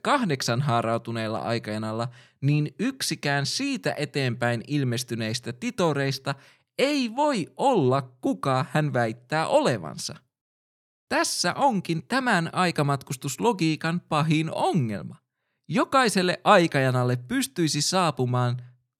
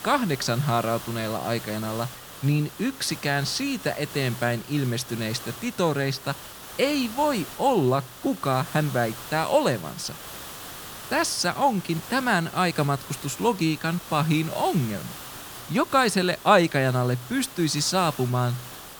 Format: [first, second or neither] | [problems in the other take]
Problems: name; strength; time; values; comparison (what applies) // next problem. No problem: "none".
first | hiss; noticeable; throughout; 15 dB below the speech